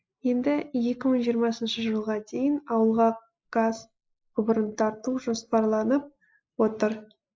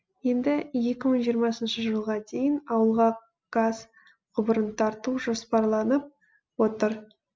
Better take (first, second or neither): second